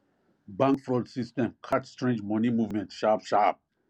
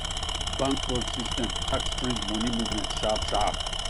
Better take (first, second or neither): first